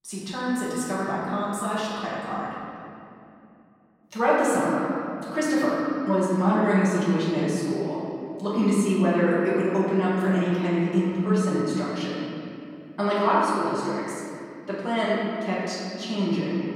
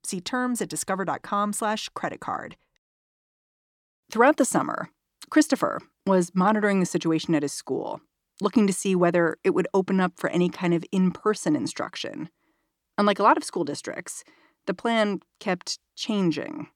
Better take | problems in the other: second | off-mic speech; far // room echo; strong; dies away in 2.6 s

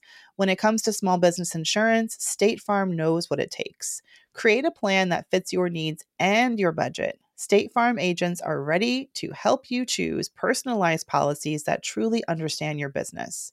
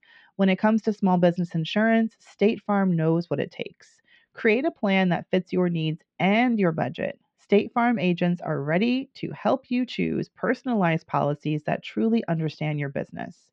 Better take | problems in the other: first | muffled; very; fading above 3.5 kHz

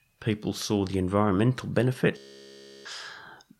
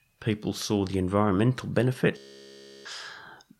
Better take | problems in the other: neither | audio freezing; at 2 s for 0.5 s; the same in both

